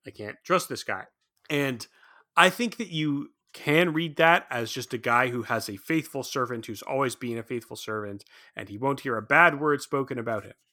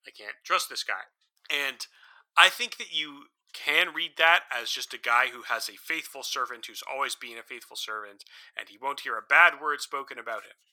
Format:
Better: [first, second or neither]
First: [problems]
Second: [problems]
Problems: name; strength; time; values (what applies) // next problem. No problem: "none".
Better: first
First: none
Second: thin; very; fading below 900 Hz